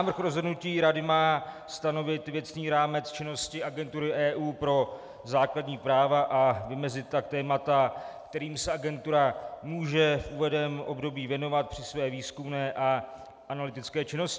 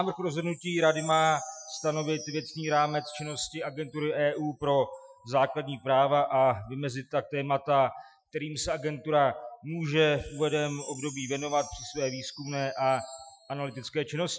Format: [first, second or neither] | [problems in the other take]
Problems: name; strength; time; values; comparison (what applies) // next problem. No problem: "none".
first | noise reduction (classical method Wiener filter)